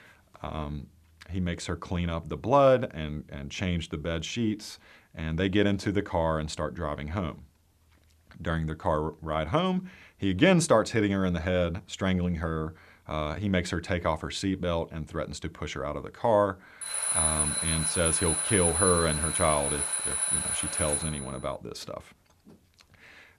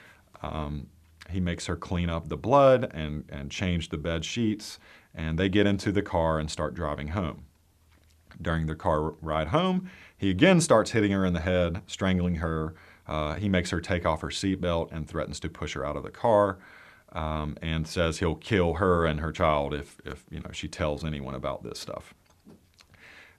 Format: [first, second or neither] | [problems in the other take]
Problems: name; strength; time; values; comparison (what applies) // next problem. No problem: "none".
second | alarm; loud; from 17 to 21 s; peak 5 dB above the speech